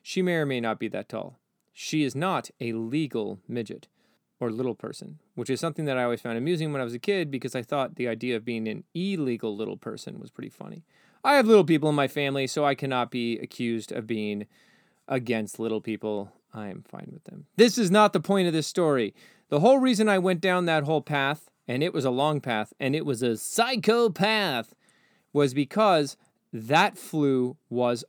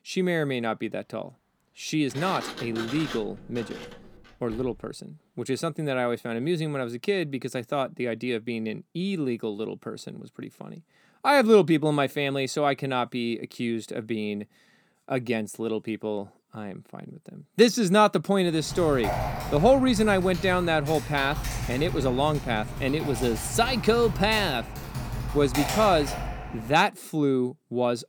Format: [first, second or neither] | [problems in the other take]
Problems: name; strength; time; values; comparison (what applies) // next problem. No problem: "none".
first | door banging; noticeable; from 2 to 5 s; peak 9 dB below the speech // keyboard typing; noticeable; from 19 to 27 s; peak 3 dB below the speech